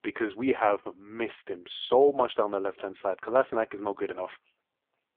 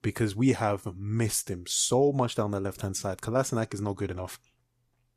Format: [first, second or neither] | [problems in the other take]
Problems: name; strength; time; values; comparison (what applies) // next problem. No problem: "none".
second | phone-call audio; poor line; nothing above 3.5 kHz